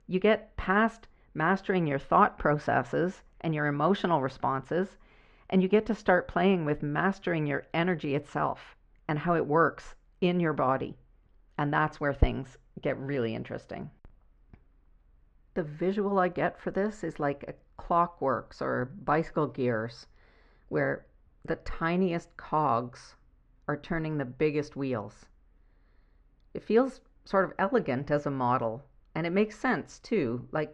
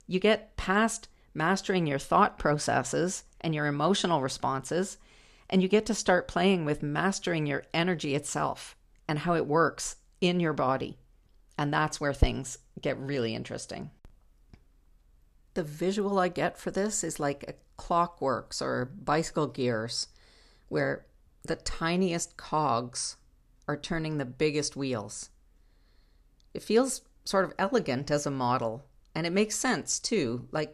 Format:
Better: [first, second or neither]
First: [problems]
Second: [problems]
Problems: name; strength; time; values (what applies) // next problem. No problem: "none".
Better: second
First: muffled; very; fading above 2 kHz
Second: none